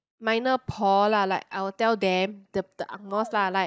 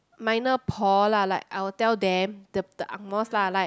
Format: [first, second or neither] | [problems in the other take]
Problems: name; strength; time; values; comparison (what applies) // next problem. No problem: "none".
second | noise reduction (neural mask model DeepFilterNet 3)